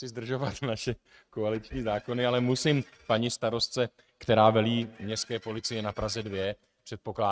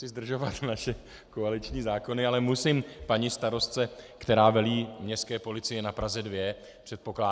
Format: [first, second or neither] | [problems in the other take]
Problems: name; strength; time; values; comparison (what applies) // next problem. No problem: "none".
second | noise reduction (neural mask model RNNoise)